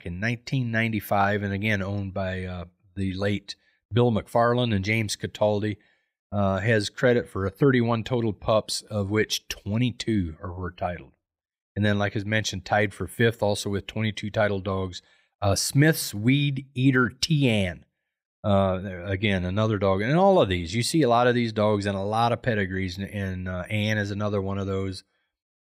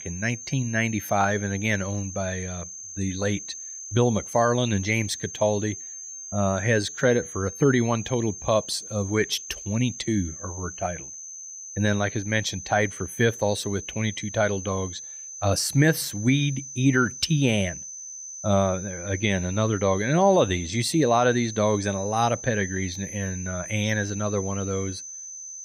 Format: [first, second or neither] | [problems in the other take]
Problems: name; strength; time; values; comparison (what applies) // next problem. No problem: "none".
first | high-pitched whine; noticeable; throughout; 6 kHz, 10 dB below the speech